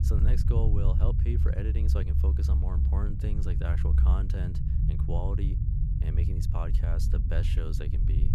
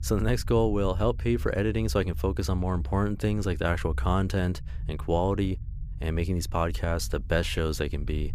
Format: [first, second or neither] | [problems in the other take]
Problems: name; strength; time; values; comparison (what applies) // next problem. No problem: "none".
second | low rumble; loud; throughout; 2 dB below the speech; faint in the second